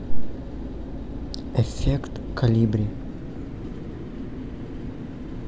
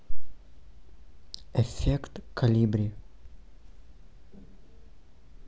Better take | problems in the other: second | background sound (Mechanical fan); 9 dB below the speech

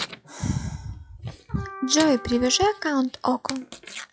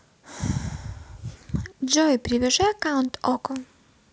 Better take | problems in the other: second | noise reduction (classical method log-MMSE)

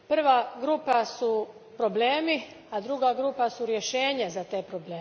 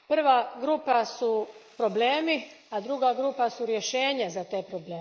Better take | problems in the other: first | noise reduction (neural mask model Resemble Enhance denoiser)

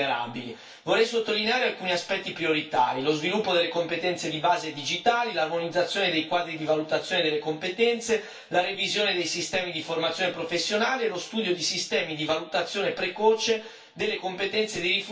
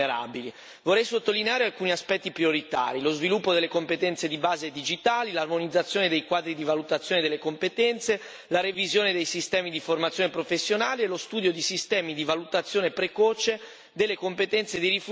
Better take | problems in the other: second | room echo; dies away in 0.3 s

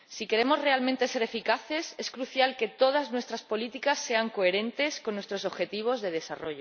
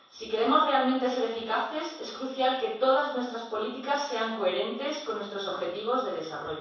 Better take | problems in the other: first | room echo; dies away in 0.7 s

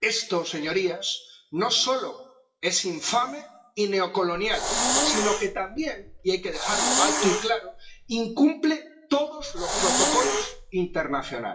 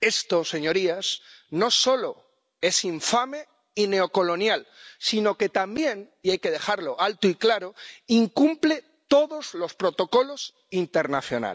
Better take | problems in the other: second | noise reduction (classical method WPE with log-MMSE)

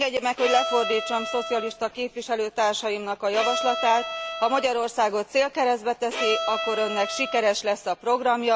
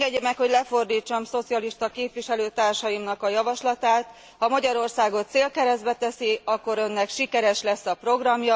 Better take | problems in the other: second | background sound (Bowed string instrument); 6 dB below the speech

